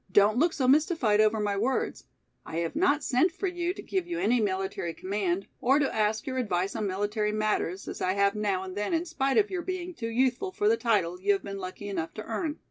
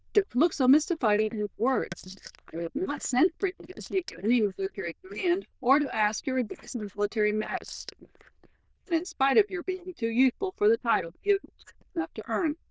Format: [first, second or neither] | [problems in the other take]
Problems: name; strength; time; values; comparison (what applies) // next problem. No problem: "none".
first | noise reduction (neural diffusion model UNIVERSE++)